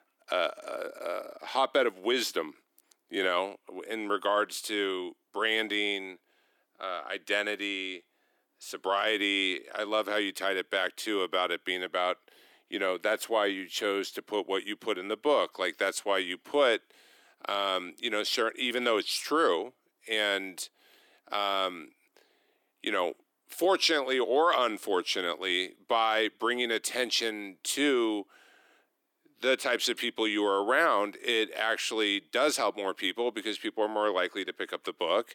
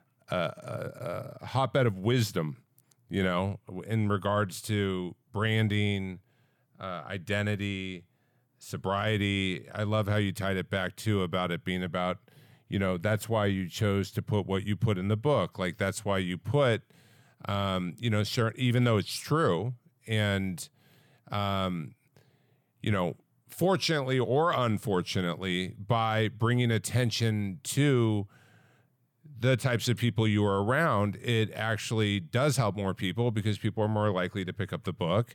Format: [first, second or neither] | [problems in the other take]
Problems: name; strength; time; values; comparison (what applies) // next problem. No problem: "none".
second | thin; very; fading below 300 Hz